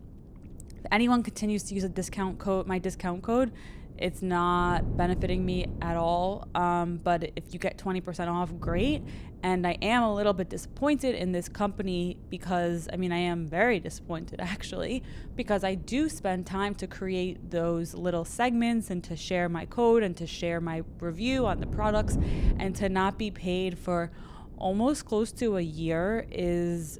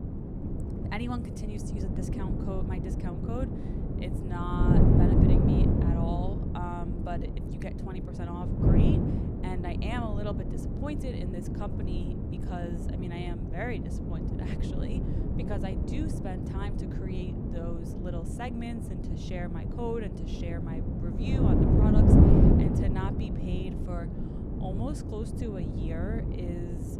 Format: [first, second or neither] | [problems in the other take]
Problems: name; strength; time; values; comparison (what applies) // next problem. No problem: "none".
first | wind noise on the microphone; heavy; 4 dB above the speech; occasional gusts in the first